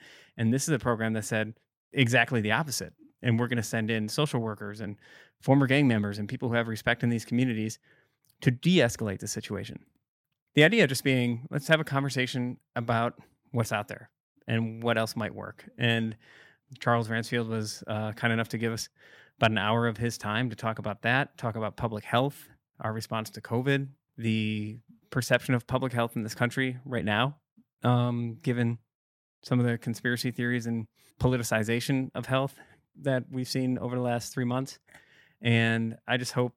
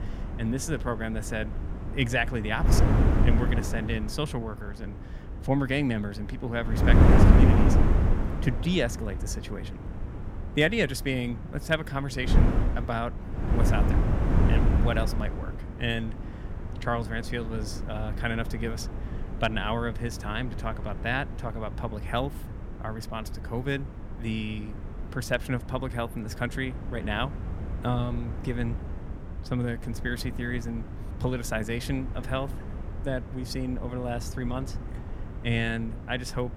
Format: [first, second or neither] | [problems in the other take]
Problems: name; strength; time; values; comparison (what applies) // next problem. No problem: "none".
first | wind noise on the microphone; heavy; 6 dB below the speech